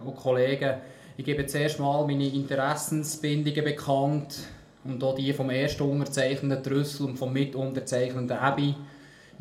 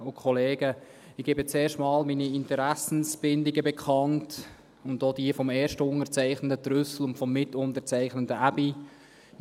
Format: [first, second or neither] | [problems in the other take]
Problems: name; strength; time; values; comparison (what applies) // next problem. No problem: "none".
second | room echo; dies away in 0.4 s